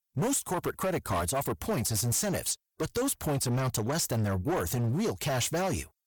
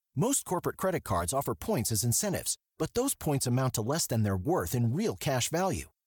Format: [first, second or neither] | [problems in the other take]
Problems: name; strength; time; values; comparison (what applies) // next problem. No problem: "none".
second | distortion; slight; 18% of the sound clipped